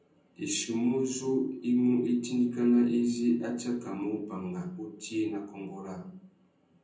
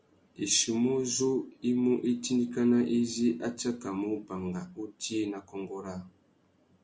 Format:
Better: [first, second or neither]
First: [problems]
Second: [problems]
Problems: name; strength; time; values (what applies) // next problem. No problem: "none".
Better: second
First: room echo; dies away in 0.6 s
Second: none